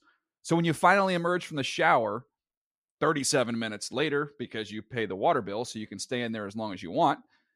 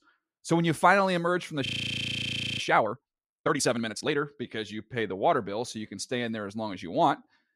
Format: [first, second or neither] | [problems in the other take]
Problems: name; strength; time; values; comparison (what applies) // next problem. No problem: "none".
first | audio freezing; at 1.5 s for 1 s